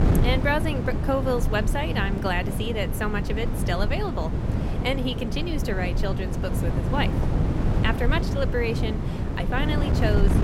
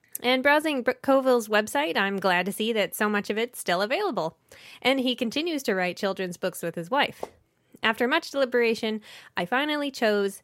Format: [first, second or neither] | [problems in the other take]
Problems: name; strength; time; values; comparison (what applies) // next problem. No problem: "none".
second | wind noise on the microphone; heavy; 6 dB below the speech